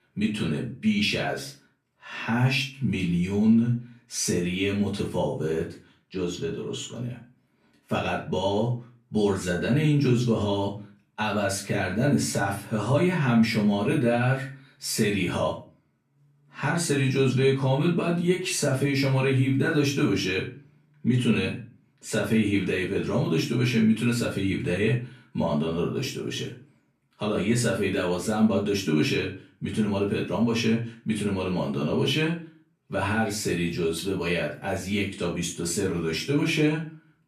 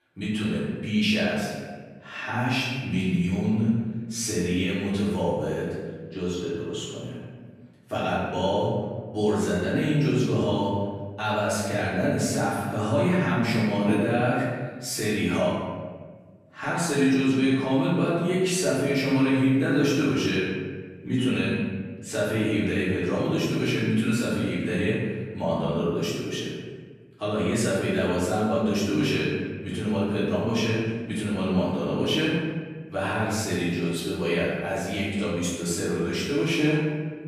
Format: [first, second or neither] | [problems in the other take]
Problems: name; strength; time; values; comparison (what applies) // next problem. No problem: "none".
first | room echo; strong; dies away in 1.4 s; slight in the first // off-mic speech; far; far in the first